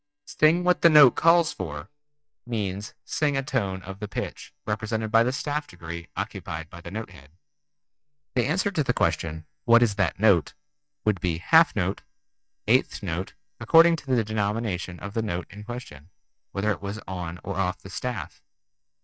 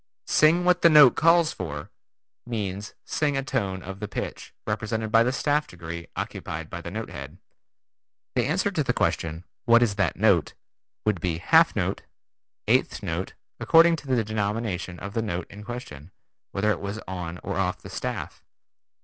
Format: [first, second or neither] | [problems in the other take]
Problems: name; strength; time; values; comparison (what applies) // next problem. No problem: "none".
second | noise reduction (neural mask model DeepFilterNet 3)